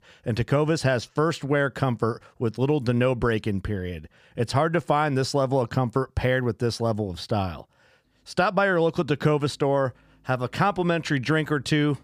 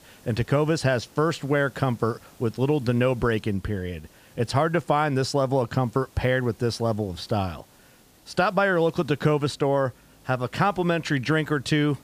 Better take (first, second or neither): first